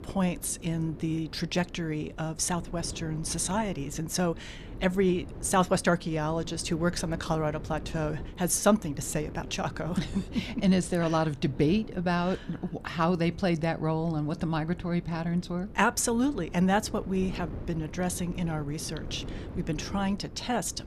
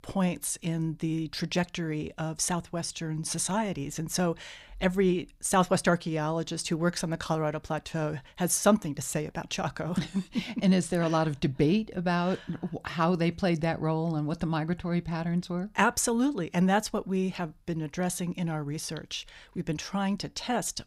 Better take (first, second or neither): second